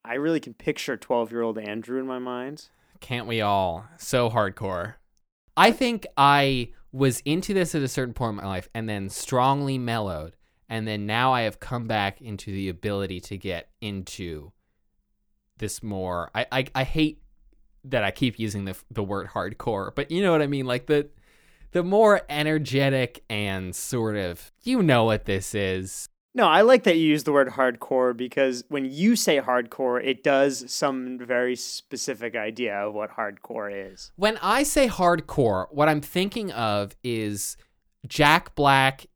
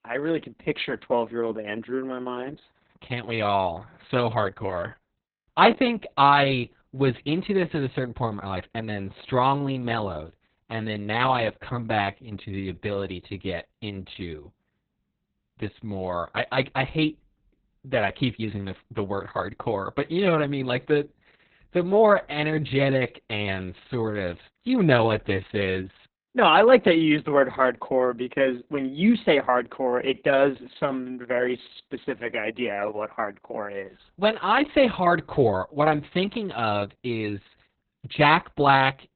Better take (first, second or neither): first